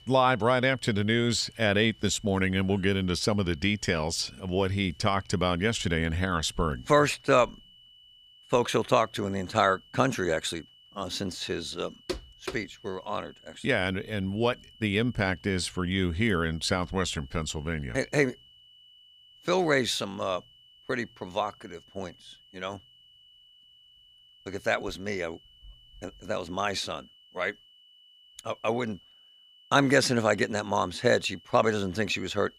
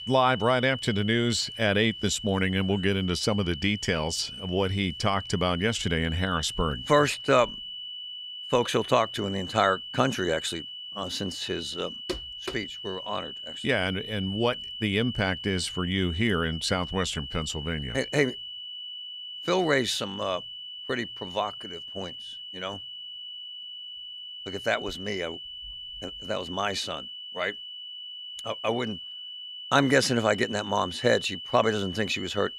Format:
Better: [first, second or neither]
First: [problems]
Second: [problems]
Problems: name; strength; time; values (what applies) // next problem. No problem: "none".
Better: first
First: high-pitched whine; faint; throughout; 3 kHz, 25 dB below the speech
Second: high-pitched whine; loud; throughout; 3 kHz, 9 dB below the speech